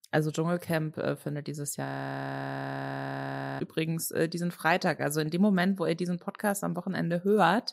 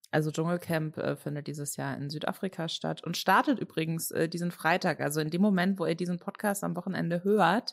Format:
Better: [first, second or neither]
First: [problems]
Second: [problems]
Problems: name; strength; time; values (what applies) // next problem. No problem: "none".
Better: second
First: audio freezing; at 2 s for 1.5 s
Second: none